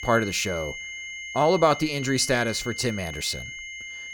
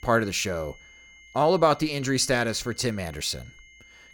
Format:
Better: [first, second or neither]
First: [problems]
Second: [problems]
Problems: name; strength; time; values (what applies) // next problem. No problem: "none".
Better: second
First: high-pitched whine; loud; throughout; 2 kHz, 10 dB below the speech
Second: high-pitched whine; faint; throughout; 2 kHz, 25 dB below the speech